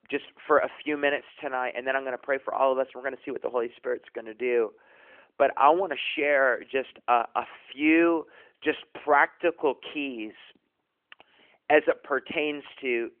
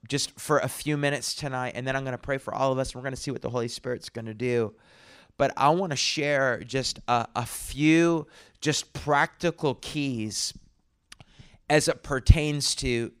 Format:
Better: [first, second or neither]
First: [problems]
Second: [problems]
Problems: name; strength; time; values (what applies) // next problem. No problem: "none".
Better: second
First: phone-call audio; nothing above 3 kHz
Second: none